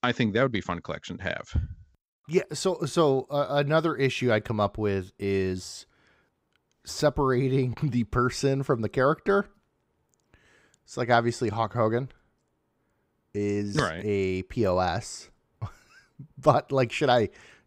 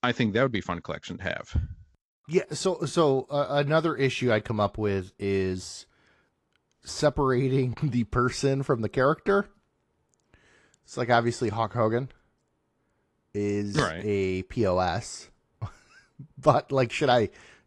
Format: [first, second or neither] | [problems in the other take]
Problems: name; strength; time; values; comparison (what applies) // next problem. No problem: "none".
first | garbled, watery; slightly